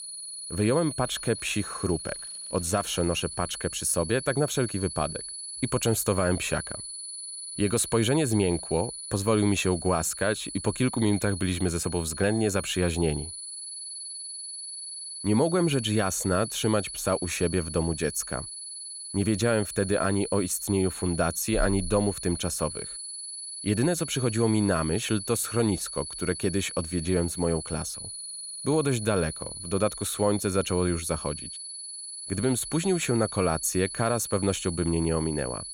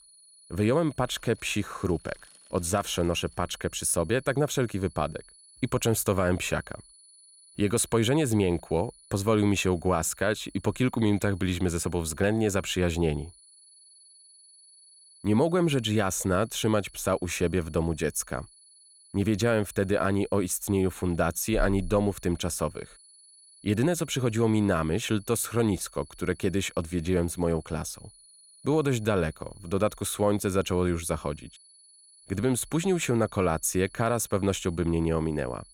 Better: second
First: high-pitched whine; loud; throughout; 10 kHz, 8 dB below the speech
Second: high-pitched whine; faint; throughout; 10 kHz, 25 dB below the speech

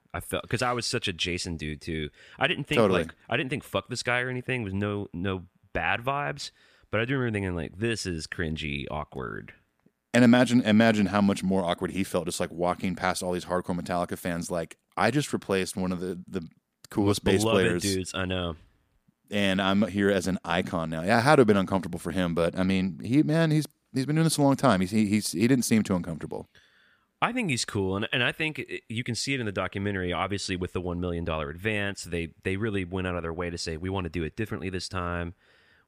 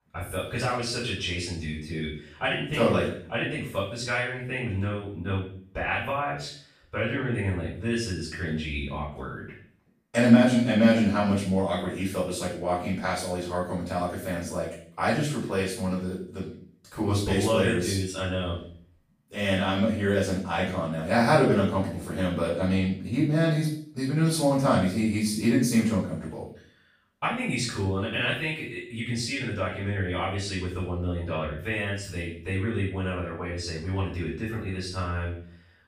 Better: first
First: none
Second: off-mic speech; far // room echo; noticeable; dies away in 0.5 s

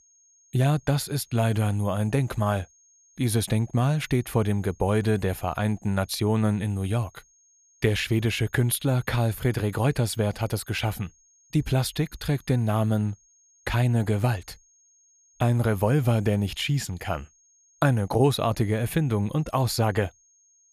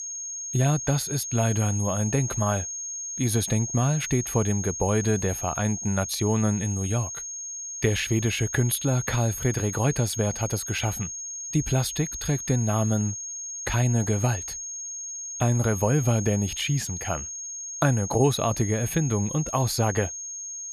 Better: first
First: high-pitched whine; faint; throughout; 6.5 kHz, 30 dB below the speech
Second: high-pitched whine; loud; throughout; 6.5 kHz, 6 dB below the speech

